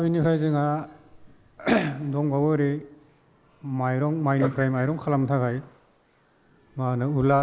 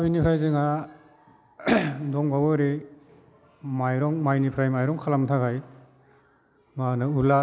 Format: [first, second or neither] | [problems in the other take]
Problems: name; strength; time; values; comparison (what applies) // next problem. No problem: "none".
second | noise reduction (neural mask model Resemble Enhance denoiser)